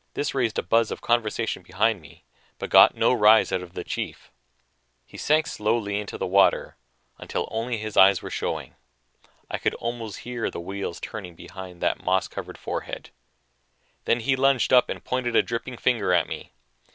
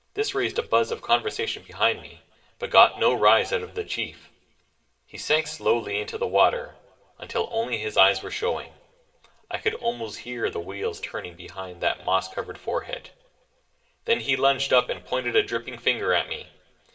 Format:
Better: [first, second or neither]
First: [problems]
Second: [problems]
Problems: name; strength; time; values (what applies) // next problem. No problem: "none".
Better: first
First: none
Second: room echo; dies away in 0.8 s